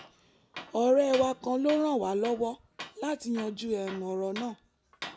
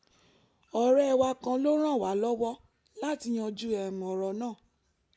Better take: second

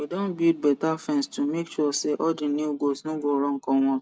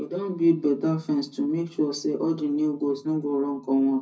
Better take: first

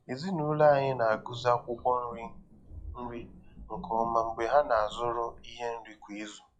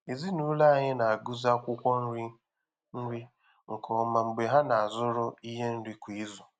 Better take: second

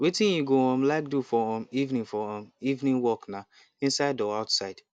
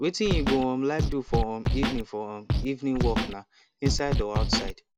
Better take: first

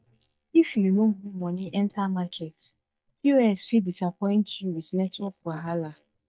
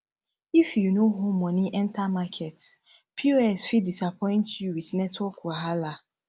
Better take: second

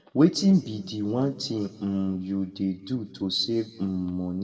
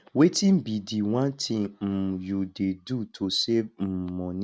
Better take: second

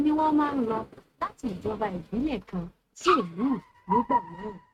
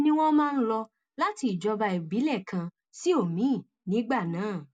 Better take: second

